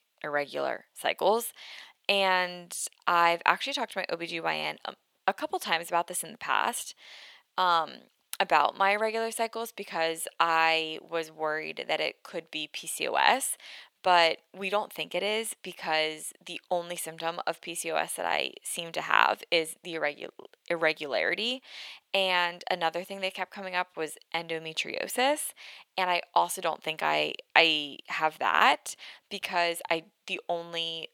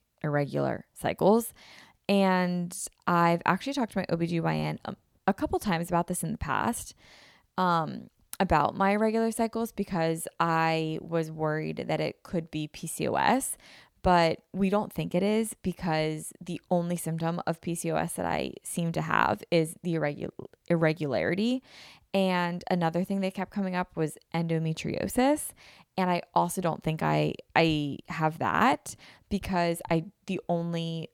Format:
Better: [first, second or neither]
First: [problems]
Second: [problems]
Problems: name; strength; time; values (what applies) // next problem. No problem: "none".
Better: second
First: thin; very; fading below 550 Hz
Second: none